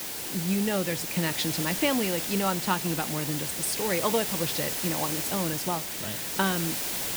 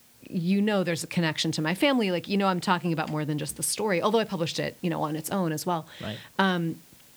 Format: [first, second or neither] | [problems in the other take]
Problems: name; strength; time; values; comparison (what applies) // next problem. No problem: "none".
second | hiss; loud; throughout; as loud as the speech; faint in the second